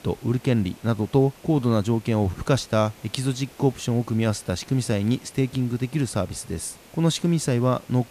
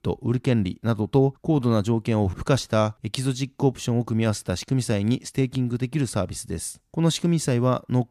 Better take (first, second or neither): second